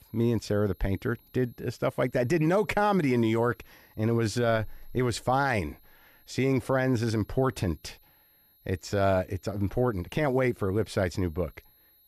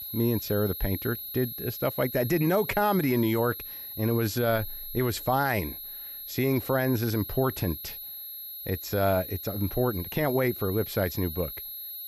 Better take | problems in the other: first | high-pitched whine; loud; throughout; 11.5 kHz, 8 dB below the speech; faint in the first

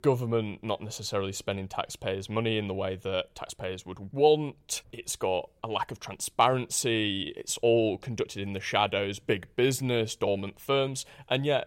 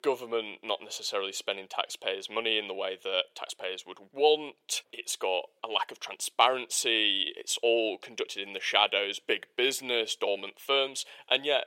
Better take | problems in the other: first | thin; somewhat; fading below 350 Hz

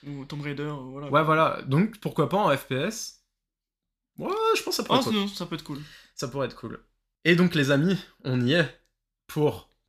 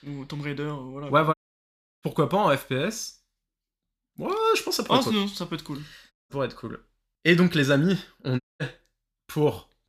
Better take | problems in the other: first | audio cutting out; at 1.5 s for 0.5 s, at 6 s and at 8.5 s

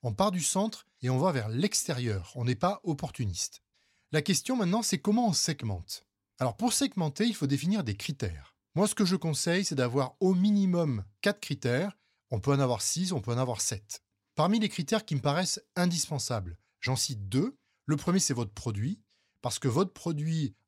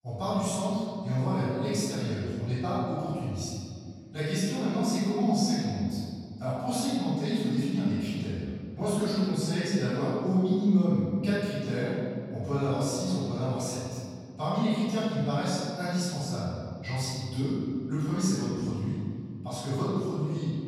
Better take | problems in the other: first | room echo; strong; dies away in 2.2 s // off-mic speech; far

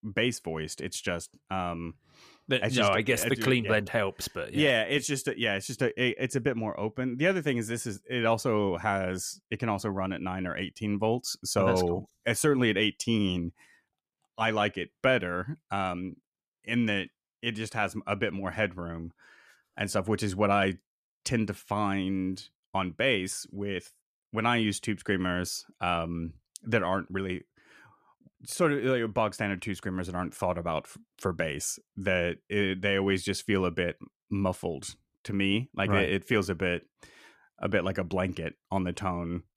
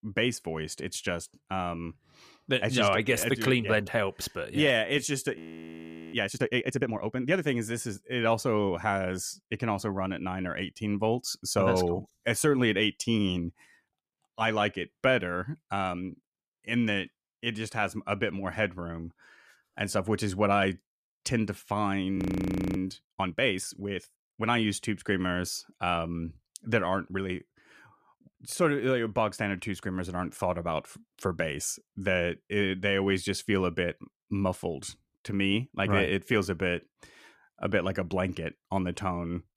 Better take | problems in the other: first | audio freezing; at 5.5 s for 1 s and at 22 s for 0.5 s

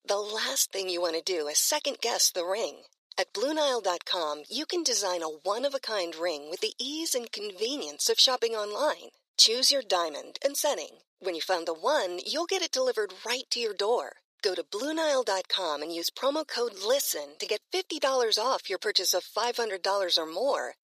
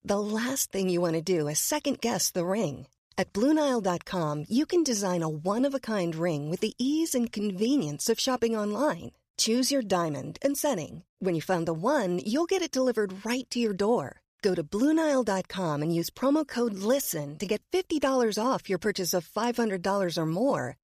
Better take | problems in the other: second | thin; very; fading below 400 Hz

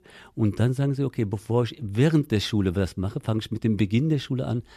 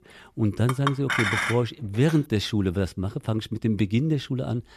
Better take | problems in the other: first | clattering dishes; loud; from 0.5 to 2 s; peak 2 dB above the speech

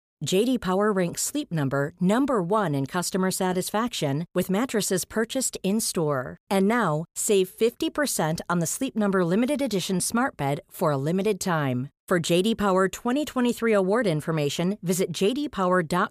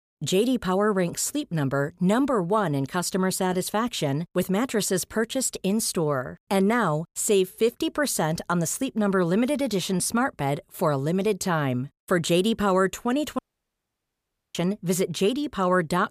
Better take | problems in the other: first | audio cutting out; at 13 s for 1 s

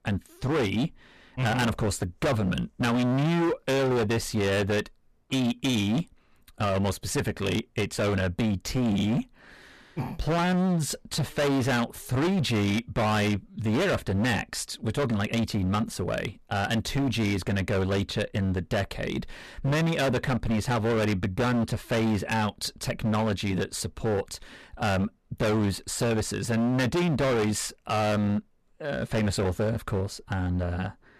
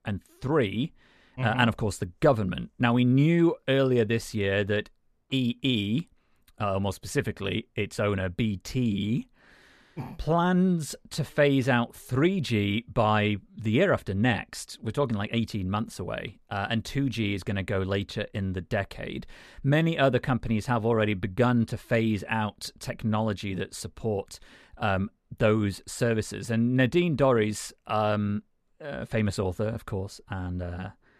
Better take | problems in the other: second | distortion; heavy; 23% of the sound clipped

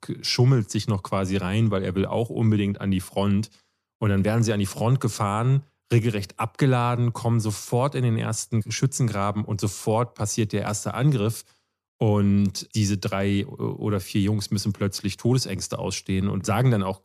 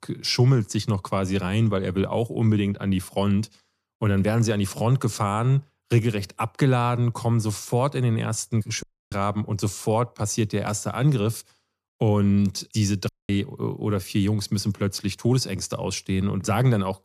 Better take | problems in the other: first | audio cutting out; at 9 s and at 13 s

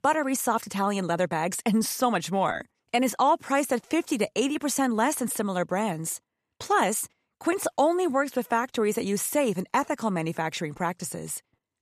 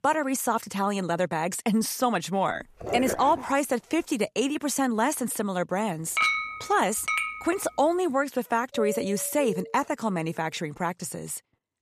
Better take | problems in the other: first | dog barking; noticeable; at 3 s; peak 4 dB below the speech // clattering dishes; loud; from 6 to 7.5 s; peak 4 dB above the speech // doorbell; noticeable; from 8.5 to 10 s; peak 6 dB below the speech

